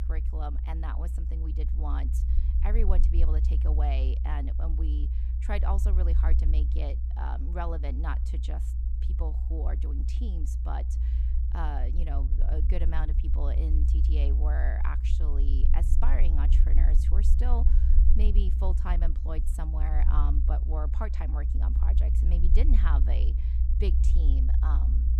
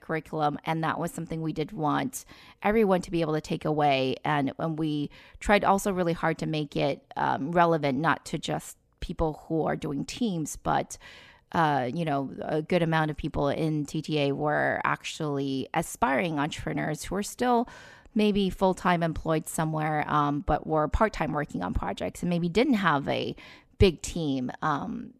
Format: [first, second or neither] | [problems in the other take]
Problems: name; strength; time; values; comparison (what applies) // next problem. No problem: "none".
second | low rumble; loud; throughout; 6 dB below the speech